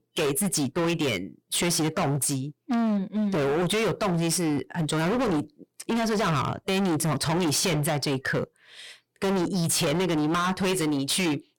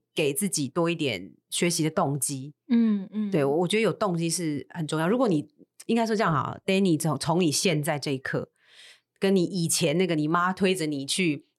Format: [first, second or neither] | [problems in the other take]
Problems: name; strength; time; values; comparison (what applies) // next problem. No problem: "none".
second | distortion; heavy; 33% of the sound clipped